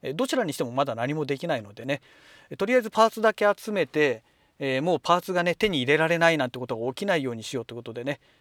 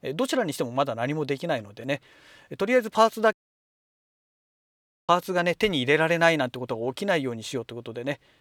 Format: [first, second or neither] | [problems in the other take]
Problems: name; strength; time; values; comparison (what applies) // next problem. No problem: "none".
first | audio cutting out; at 3.5 s for 2 s